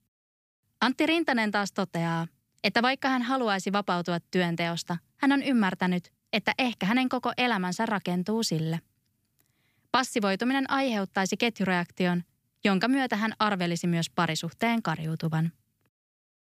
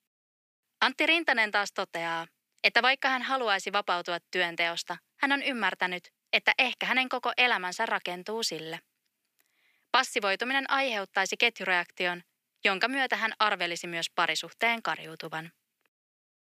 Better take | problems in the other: first | thin; somewhat; fading below 500 Hz

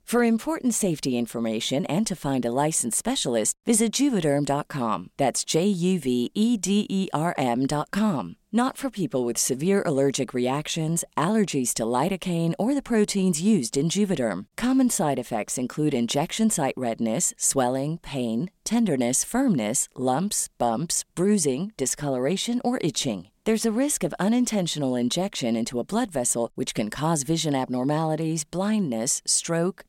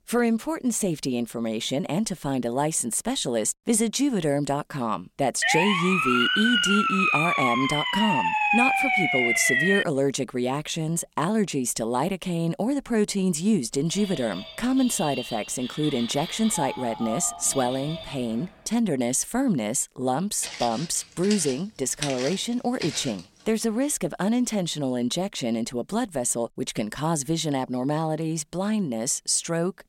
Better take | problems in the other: first | siren; loud; from 5.5 to 10 s; peak 6 dB above the speech // phone ringing; noticeable; from 14 to 18 s; peak 7 dB below the speech // footsteps; noticeable; from 20 to 23 s; peak 5 dB below the speech

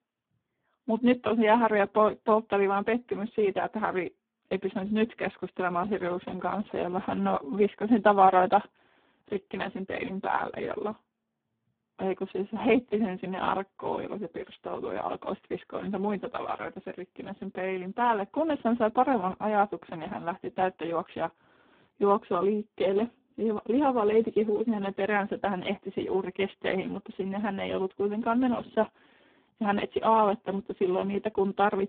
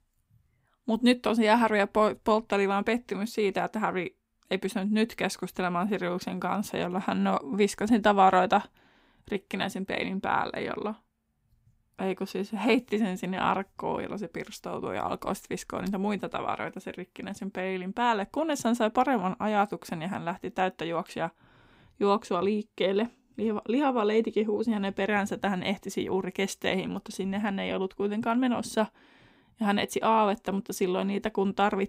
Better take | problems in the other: second | phone-call audio; poor line

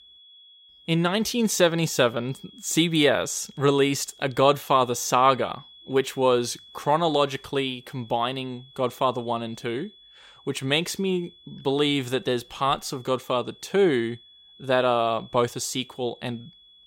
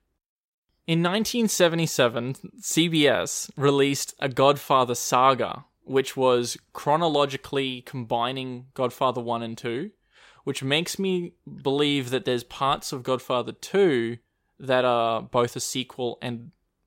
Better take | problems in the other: second | high-pitched whine; faint; throughout; 3.5 kHz, 25 dB below the speech

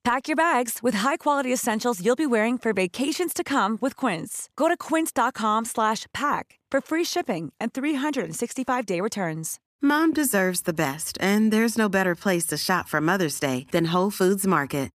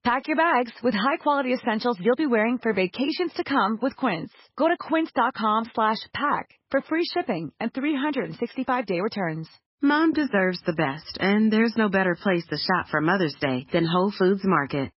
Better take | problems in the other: first | garbled, watery; badly; nothing above 5.5 kHz

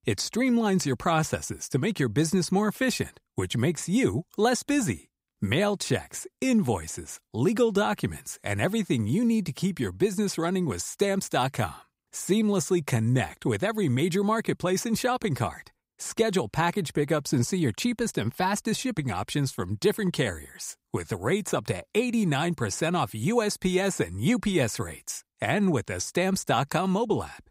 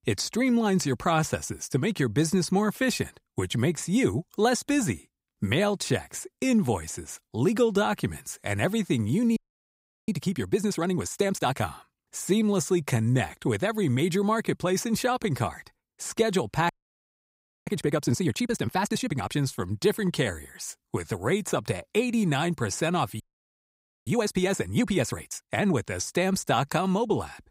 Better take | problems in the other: first | audio freezing; at 9.5 s for 0.5 s, at 17 s for 1 s and at 23 s for 1 s

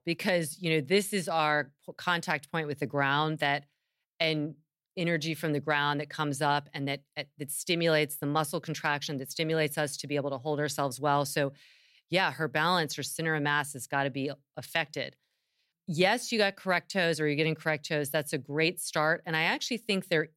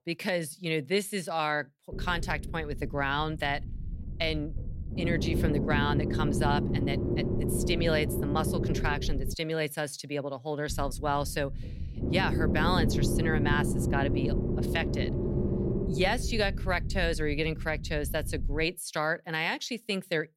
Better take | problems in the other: first | low rumble; loud; from 2 to 9.5 s and from 11 to 19 s; 5 dB below the speech

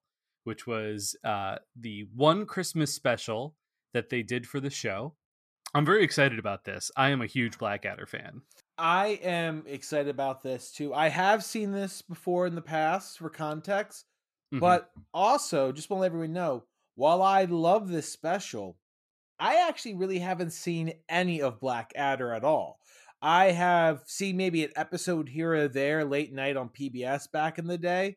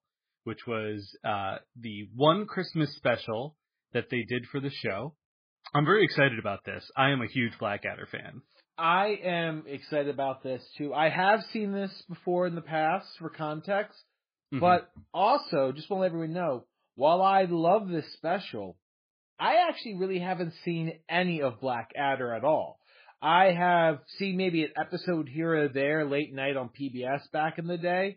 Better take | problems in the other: first | garbled, watery; badly

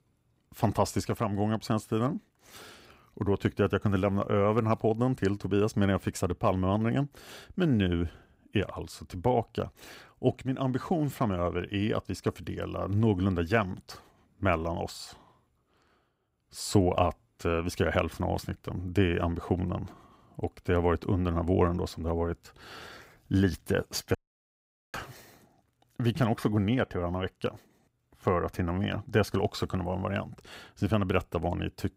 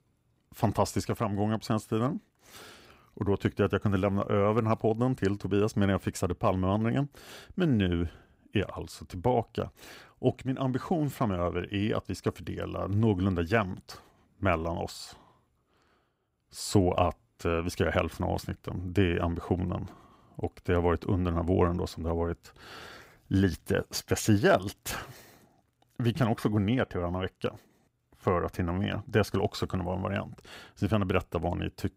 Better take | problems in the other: second | audio cutting out; at 24 s for 1 s

